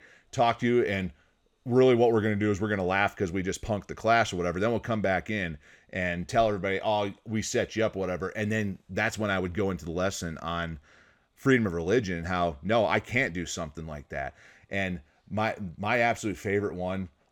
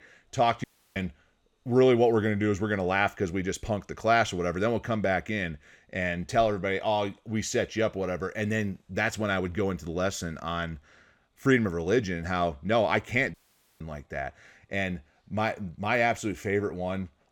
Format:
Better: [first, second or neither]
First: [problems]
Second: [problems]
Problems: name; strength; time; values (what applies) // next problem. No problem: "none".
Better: first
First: none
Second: audio cutting out; at 0.5 s and at 13 s